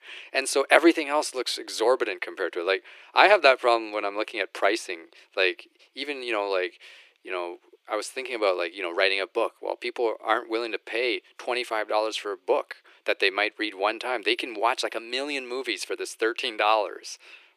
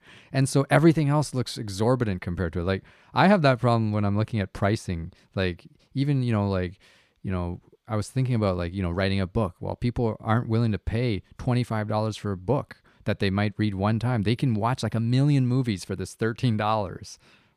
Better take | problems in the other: second | thin; very; fading below 350 Hz

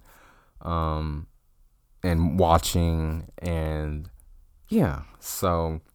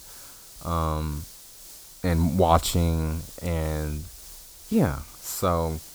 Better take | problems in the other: first | hiss; noticeable; throughout; 15 dB below the speech

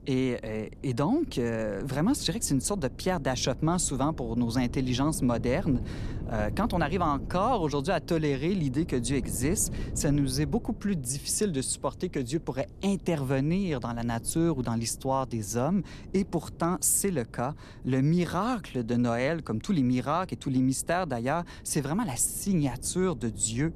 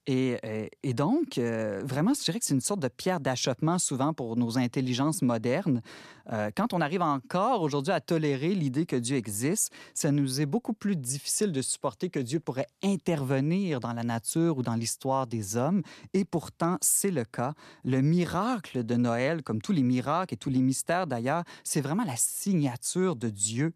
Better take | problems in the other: second | wind noise on the microphone; occasional gusts; 20 dB below the speech

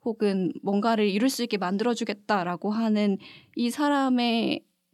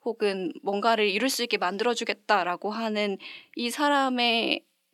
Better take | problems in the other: first | thin; somewhat; fading below 400 Hz

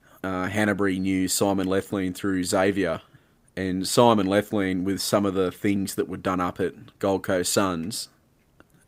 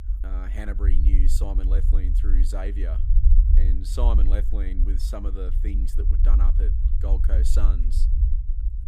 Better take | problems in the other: first | low rumble; loud; throughout; 5 dB below the speech

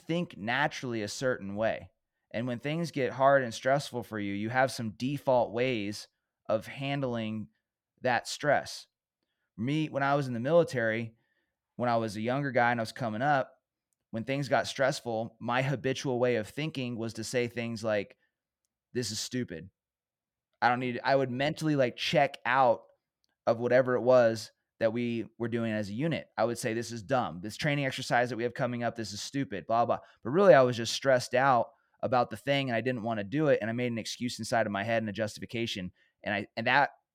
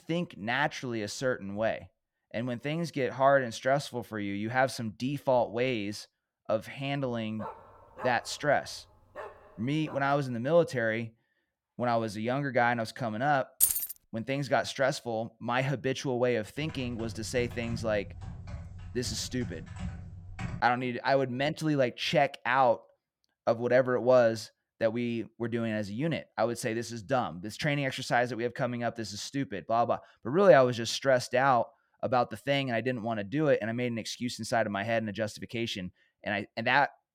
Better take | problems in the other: first | dog barking; faint; from 7.5 to 10 s; peak 15 dB below the speech // jangling keys; loud; at 14 s; peak 5 dB above the speech // keyboard typing; noticeable; from 17 to 21 s; peak 10 dB below the speech

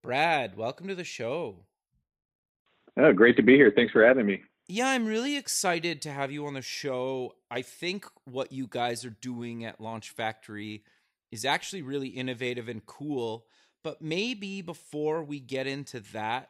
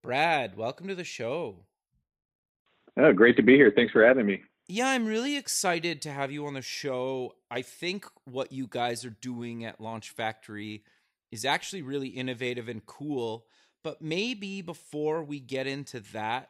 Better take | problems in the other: neither | none

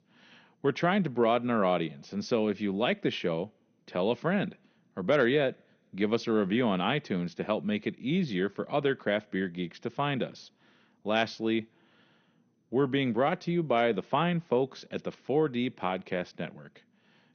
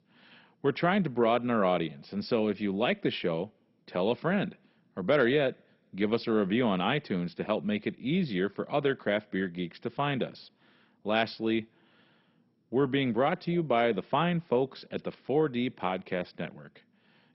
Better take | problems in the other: first | garbled, watery; badly; nothing above 5.5 kHz; slightly in the first

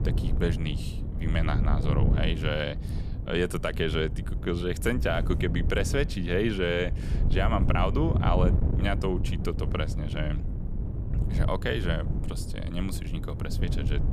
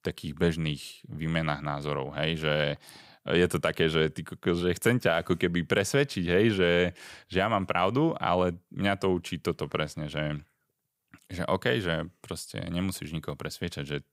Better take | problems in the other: second | wind noise on the microphone; occasional gusts; 10 dB below the speech

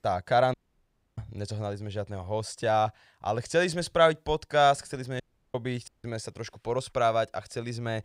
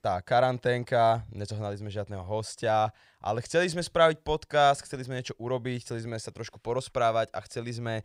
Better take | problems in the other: second | audio cutting out; at 0.5 s for 0.5 s, at 5 s and at 6 s

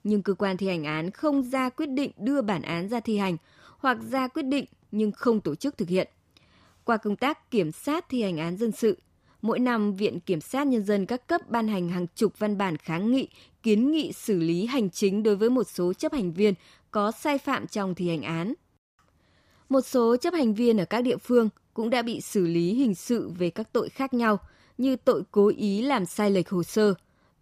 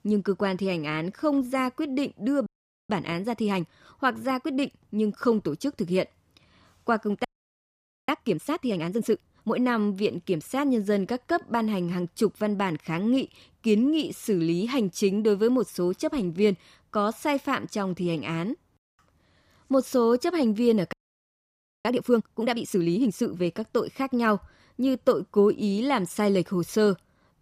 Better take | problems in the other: first | audio freezing; at 2.5 s, at 7.5 s for 1 s and at 21 s for 1 s

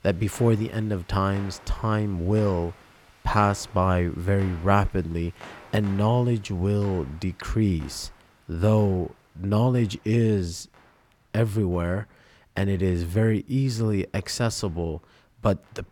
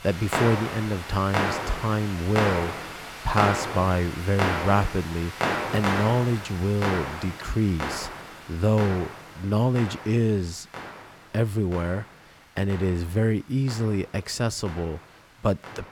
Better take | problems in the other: first | household noises; loud; throughout; 5 dB below the speech; faint in the first

